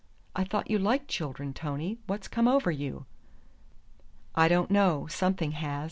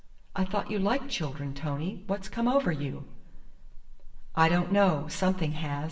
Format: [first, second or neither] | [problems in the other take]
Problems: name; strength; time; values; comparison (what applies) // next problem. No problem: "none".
first | room echo; dies away in 1 s